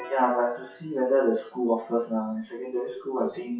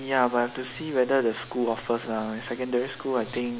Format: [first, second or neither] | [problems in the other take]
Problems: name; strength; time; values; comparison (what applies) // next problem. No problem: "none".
second | noise reduction (classical method WPE with log-MMSE)